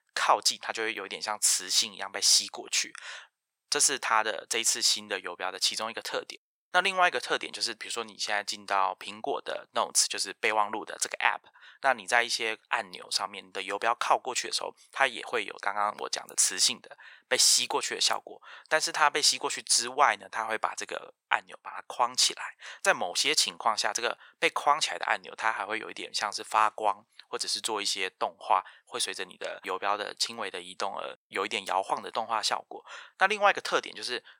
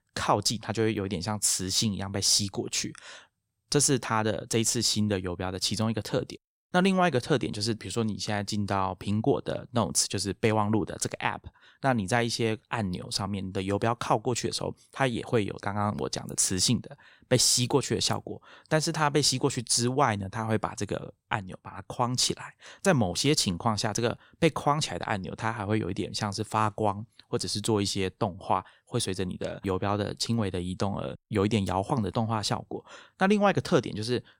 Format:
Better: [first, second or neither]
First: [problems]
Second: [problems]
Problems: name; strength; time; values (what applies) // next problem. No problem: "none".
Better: second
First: thin; very; fading below 750 Hz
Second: none